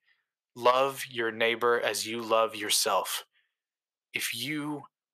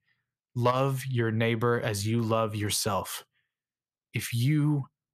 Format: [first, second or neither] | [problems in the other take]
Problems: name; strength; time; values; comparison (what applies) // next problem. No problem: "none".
second | thin; very; fading below 550 Hz